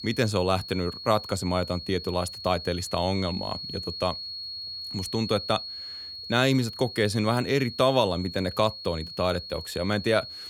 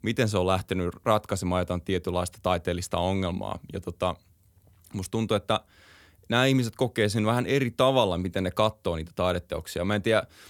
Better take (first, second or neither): second